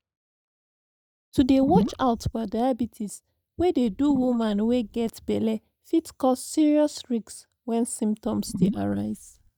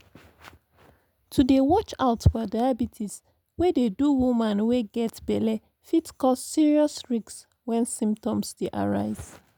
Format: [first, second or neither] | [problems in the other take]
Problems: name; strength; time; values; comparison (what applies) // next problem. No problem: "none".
second | noise reduction (neural mask model DeepFilterNet 3)